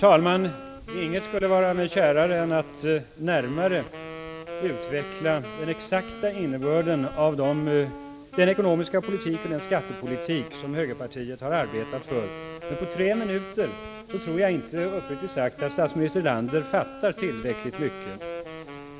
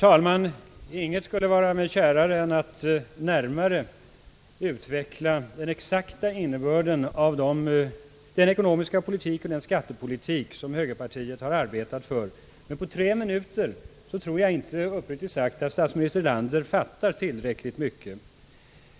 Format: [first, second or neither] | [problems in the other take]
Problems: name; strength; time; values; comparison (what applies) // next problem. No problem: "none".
second | background sound (Wind instrument, woodwind instrument); 12 dB below the speech